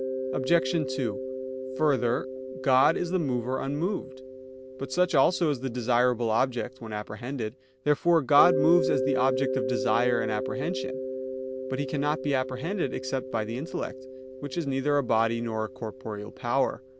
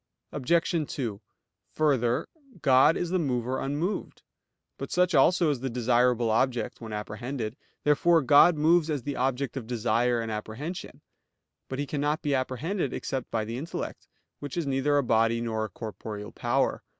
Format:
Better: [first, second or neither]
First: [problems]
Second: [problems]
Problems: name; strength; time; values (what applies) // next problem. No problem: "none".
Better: second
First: background sound (Mallet percussion); 6 dB below the speech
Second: none